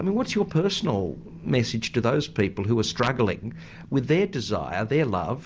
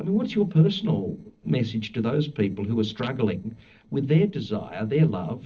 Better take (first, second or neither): first